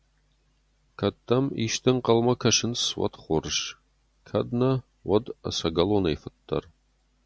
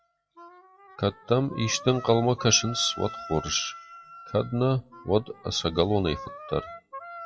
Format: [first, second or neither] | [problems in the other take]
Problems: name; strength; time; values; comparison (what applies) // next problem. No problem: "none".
first | noise reduction (classical method WPE with log-MMSE)